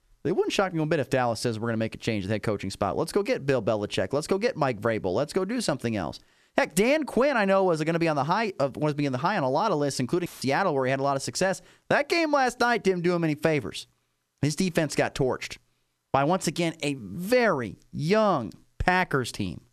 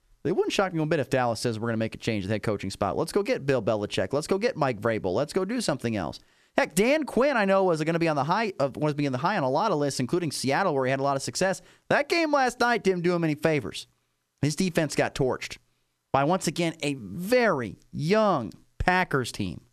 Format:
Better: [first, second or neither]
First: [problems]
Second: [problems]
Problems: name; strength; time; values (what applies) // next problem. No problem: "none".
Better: second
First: audio cutting out; filled with static; at 10 s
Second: none